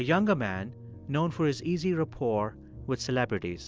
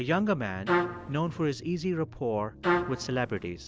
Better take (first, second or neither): first